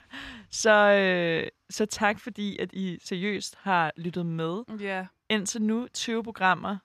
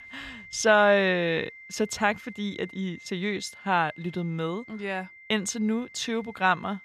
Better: first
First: none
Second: high-pitched whine; noticeable; throughout; 2 kHz, 20 dB below the speech

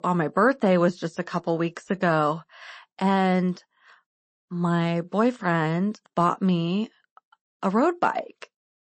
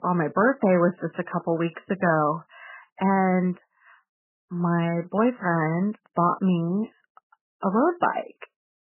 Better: first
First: garbled, watery; slightly; nothing above 8 kHz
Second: garbled, watery; badly; nothing above 3 kHz

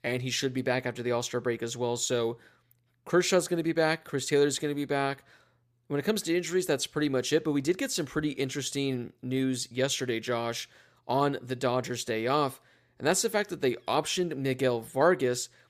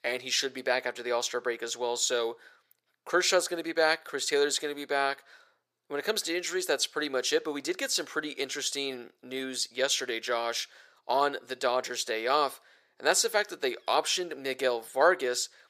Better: first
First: none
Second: thin; somewhat; fading below 550 Hz

